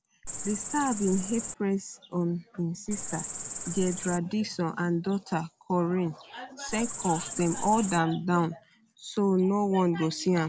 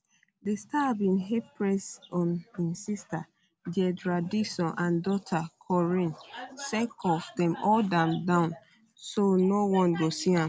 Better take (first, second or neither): second